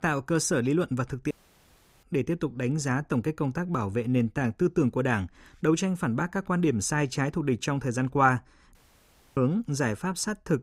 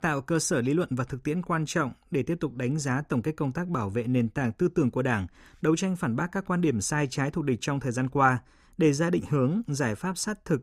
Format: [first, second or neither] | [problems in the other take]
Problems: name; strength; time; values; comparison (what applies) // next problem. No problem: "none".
second | audio cutting out; at 1.5 s for 0.5 s and at 9 s for 0.5 s